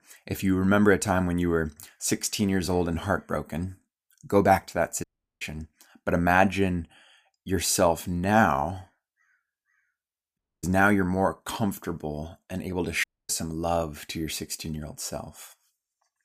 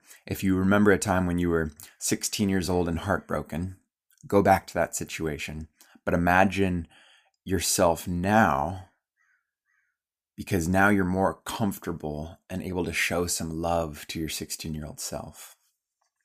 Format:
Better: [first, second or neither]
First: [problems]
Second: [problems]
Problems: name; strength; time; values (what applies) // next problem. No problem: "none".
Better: second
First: audio cutting out; at 5 s, at 10 s and at 13 s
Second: none